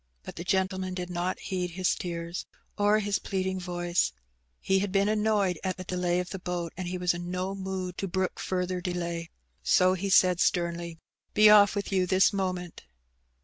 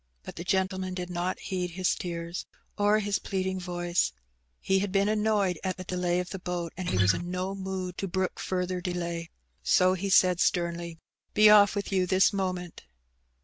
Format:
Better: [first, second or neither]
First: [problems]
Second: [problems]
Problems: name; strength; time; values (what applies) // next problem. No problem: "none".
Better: first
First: none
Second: background sound (Acoustic guitar); 1 dB above the speech